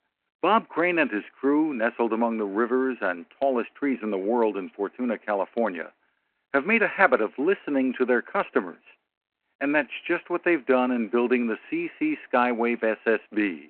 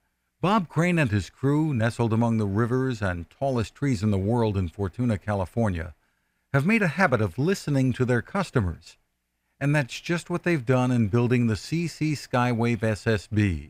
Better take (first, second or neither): second